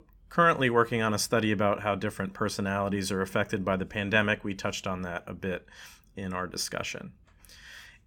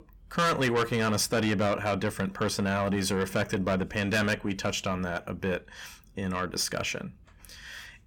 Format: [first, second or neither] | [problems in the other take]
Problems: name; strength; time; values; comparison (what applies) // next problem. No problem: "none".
first | distortion; heavy; 7 dB below the speech